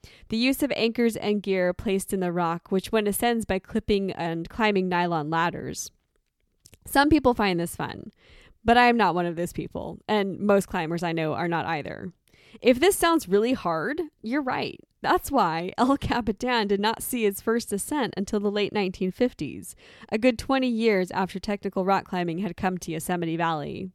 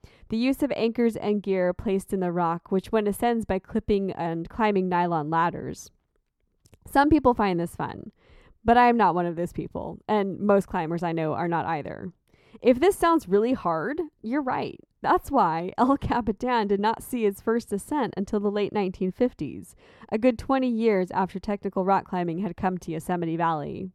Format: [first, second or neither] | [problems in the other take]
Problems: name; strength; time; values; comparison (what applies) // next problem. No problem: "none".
first | muffled; slightly; fading above 2 kHz